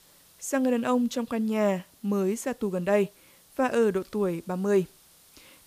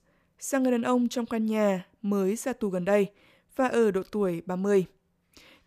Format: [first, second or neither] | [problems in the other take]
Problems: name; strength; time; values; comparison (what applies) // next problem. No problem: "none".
second | hiss; faint; throughout; 30 dB below the speech